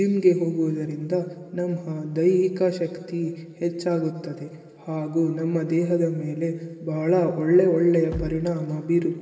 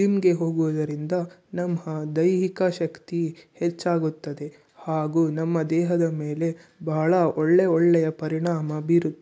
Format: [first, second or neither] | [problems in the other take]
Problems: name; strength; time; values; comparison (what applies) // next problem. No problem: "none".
second | background sound (Bass drum); 12 dB below the speech // room echo; dies away in 2.5 s